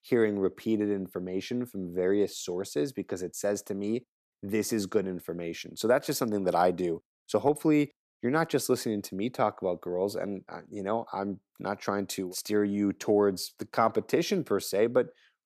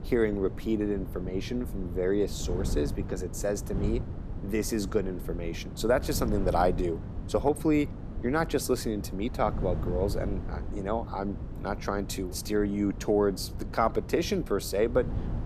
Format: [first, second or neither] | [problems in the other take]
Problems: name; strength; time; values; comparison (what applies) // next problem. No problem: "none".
first | wind noise on the microphone; occasional gusts; 15 dB below the speech